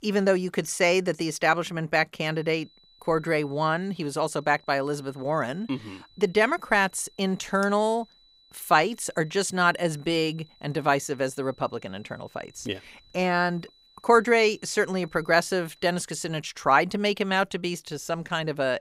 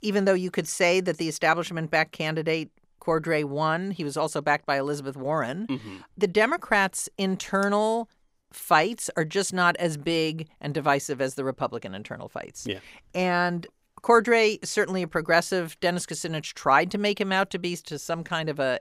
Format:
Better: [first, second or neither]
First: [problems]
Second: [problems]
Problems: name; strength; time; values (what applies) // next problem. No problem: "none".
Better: second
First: high-pitched whine; faint; from 2 to 16 s; 4 kHz, 30 dB below the speech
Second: none